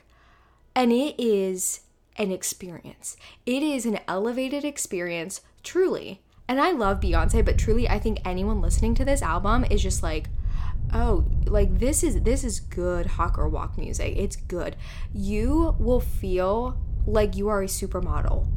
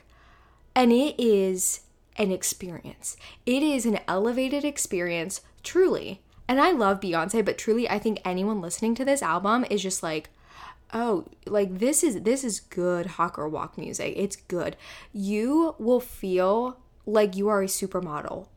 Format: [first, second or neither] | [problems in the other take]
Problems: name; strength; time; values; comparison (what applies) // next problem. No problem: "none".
second | wind noise on the microphone; occasional gusts; from 7 s on; 20 dB below the speech